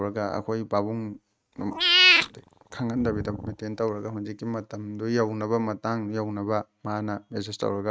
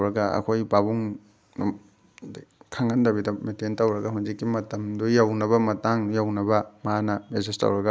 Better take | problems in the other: second | noise reduction (neural mask model RNNoise)

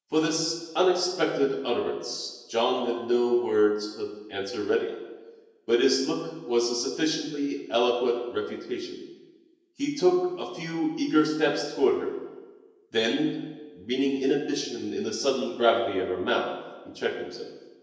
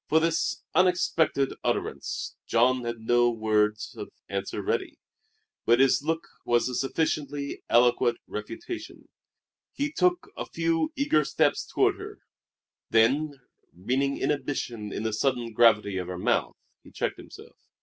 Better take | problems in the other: second | room echo; dies away in 1 s

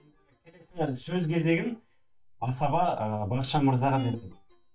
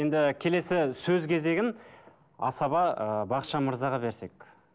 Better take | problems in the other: second | noise reduction (neural mask model DeepFilterNet 3)

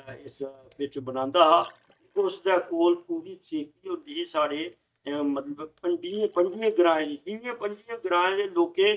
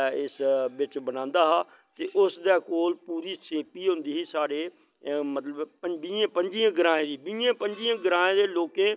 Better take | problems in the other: second | noise reduction (neural mask model DeepFilterNet 3)

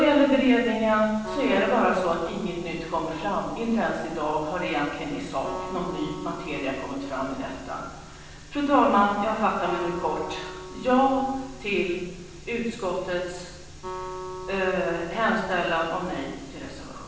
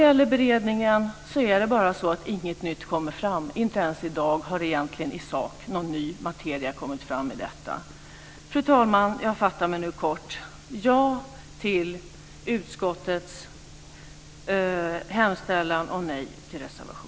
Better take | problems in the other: second | background sound (Acoustic guitar); 15 dB below the speech // room echo; dies away in 0.9 s

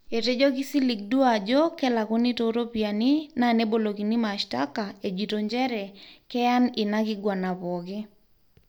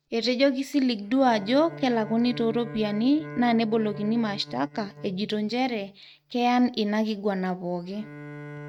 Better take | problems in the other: first | noise reduction (neural mask model RNNoise)

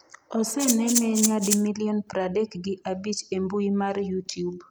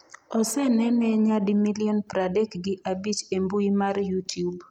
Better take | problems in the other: second | background sound (Rattle (instrument)); 1 dB below the speech

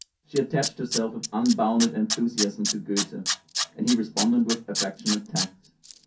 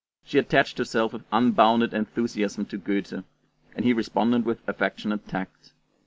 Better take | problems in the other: second | background sound (Tools); 5 dB below the speech // room echo; dies away in 0.3 s

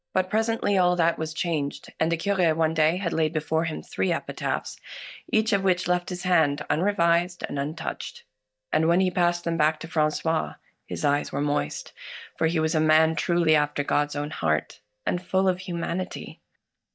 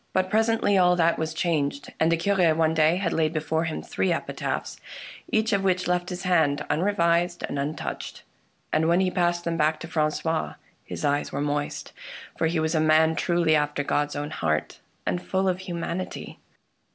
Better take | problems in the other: second | noise reduction (neural mask model DeepFilterNet 3)

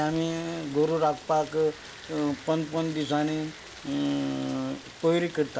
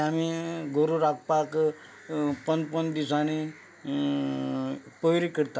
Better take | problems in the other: second | background sound (Rain); 18 dB below the speech

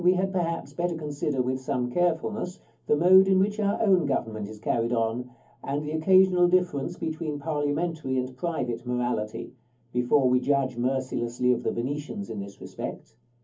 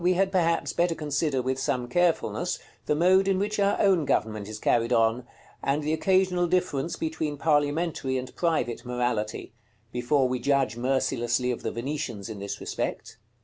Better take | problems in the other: second | room echo; dies away in 0.3 s

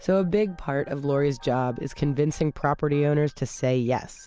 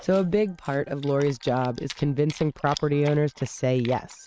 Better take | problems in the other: first | noise reduction (neural mask model RNNoise)

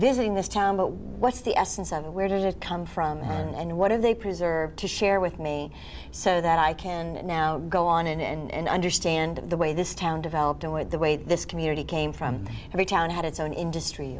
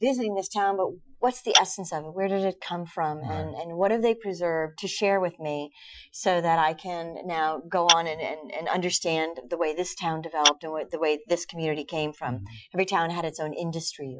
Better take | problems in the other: first | noise reduction (classical method Wiener filter)

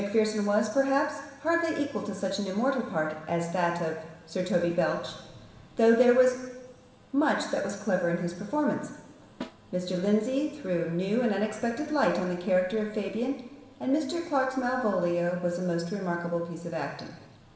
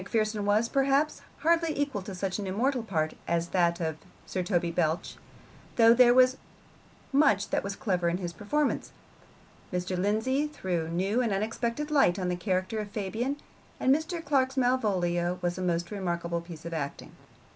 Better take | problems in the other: second | background sound (Snare drum); 18 dB below the speech // room echo; dies away in 1.3 s

